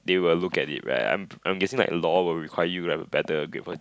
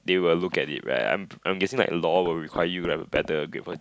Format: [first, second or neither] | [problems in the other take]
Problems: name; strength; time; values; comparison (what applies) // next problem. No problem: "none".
first | background sound (Knock); 13 dB below the speech